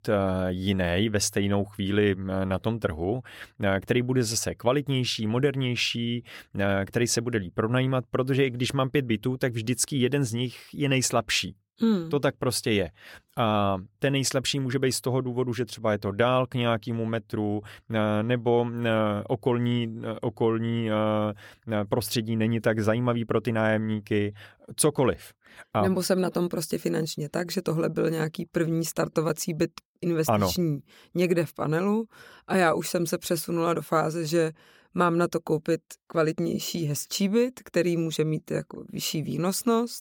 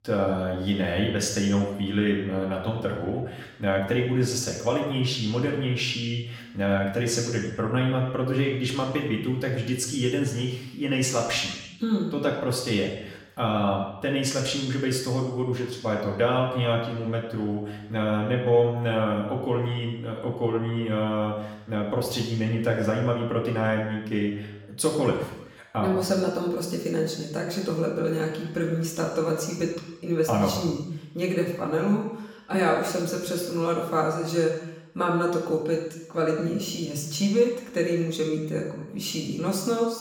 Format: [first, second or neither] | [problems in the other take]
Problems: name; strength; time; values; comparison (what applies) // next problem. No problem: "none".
first | room echo; noticeable; dies away in 0.9 s // off-mic speech; far